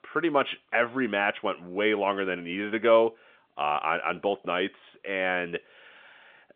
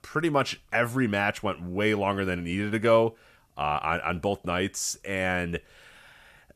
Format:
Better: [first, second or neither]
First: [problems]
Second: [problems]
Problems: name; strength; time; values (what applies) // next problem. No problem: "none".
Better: second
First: phone-call audio; nothing above 3.5 kHz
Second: none